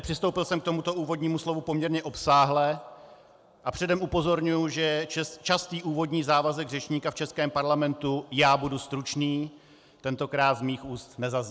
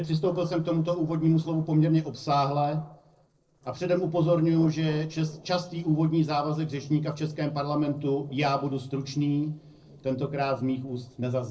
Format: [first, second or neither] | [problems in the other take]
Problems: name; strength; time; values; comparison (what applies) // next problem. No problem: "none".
first | noise reduction (neural separator model SepFormer DNS4)